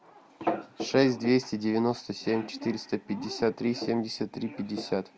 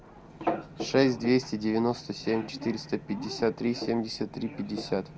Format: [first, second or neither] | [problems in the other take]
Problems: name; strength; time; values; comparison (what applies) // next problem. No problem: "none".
first | background sound (Engine / Boat, Water vehicle); 19 dB below the speech